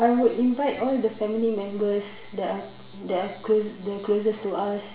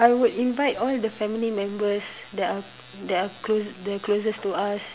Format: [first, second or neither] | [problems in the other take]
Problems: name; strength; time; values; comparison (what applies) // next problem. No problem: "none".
second | room echo; dies away in 0.8 s